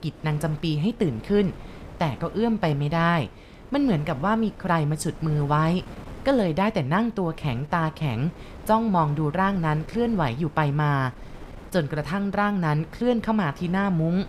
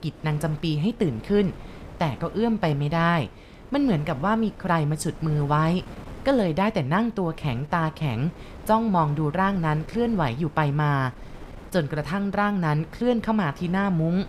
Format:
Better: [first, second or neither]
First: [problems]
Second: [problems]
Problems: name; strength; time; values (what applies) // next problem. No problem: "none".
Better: neither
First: wind noise on the microphone; occasional gusts; 20 dB below the speech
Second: wind noise on the microphone; occasional gusts; 20 dB below the speech